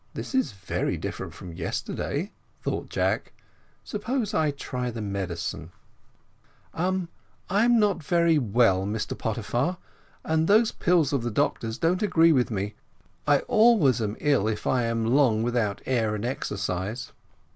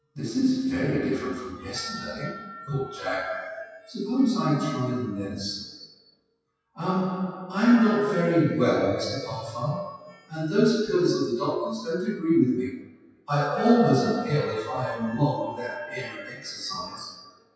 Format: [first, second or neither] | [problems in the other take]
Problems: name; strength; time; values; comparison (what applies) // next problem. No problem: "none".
first | noise reduction (classical method WPE with log-MMSE)